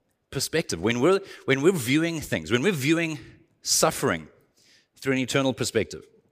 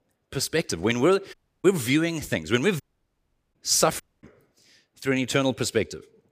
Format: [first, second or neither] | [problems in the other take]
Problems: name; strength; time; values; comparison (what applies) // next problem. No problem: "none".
first | audio cutting out; at 1.5 s, at 3 s for 0.5 s and at 4 s